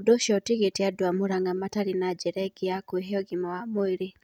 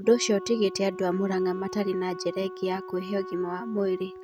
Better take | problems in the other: first | background sound (Wind instrument, woodwind instrument); 12 dB below the speech

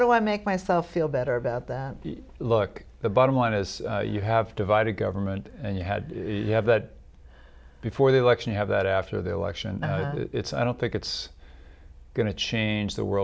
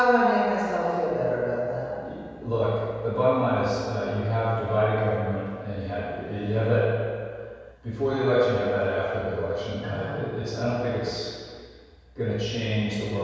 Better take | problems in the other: first | room echo; dies away in 1.9 s

